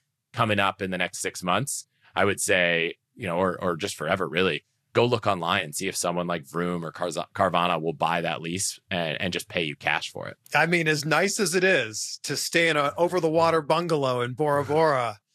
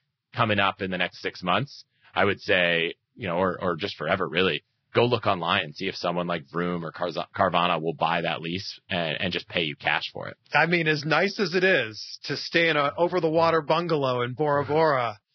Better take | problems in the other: first | garbled, watery; badly; nothing above 5.5 kHz; slightly in the first

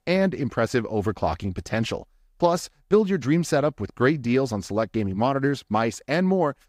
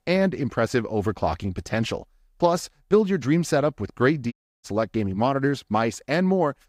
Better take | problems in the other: first | audio cutting out; at 4.5 s

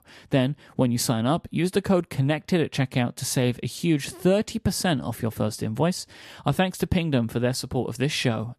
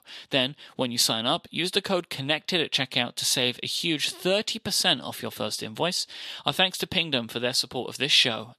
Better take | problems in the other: first | thin; somewhat; fading below 600 Hz

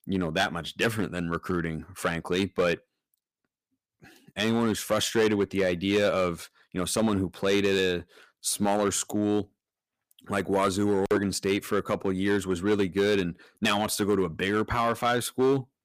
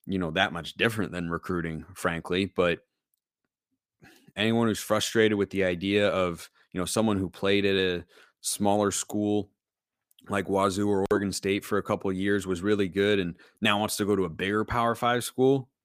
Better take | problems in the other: second | distortion; slight; 4% of the sound clipped

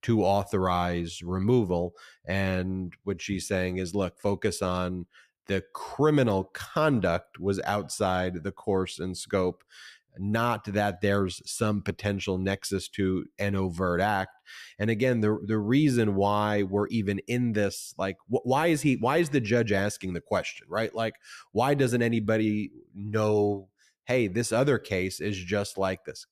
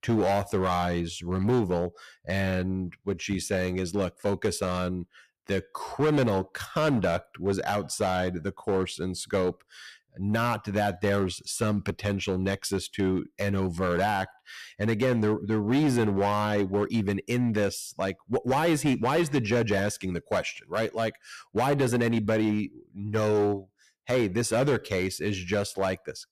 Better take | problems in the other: first | distortion; slight; 6% of the sound clipped

